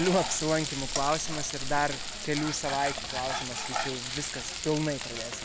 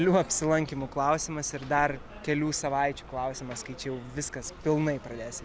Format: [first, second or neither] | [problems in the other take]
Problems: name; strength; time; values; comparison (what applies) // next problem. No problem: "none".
second | background sound (Frying (food)); 3 dB below the speech